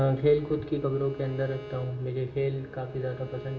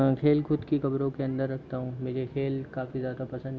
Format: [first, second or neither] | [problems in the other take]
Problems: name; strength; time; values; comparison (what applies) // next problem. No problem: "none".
second | background sound (Bowed string instrument); 16 dB below the speech // room echo; dies away in 1.6 s